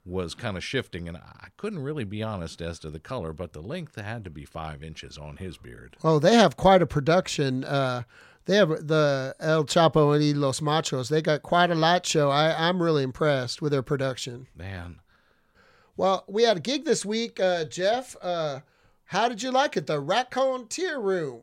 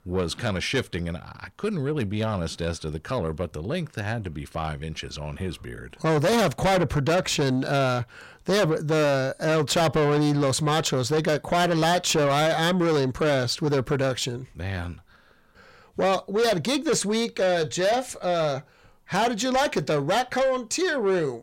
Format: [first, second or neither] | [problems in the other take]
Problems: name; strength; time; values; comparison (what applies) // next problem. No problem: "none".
first | distortion; heavy; 6 dB below the speech